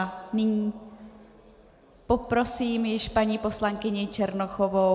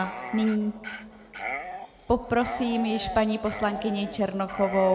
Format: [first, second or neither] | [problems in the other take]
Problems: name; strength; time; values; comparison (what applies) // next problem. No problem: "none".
first | background sound (Dog); 10 dB below the speech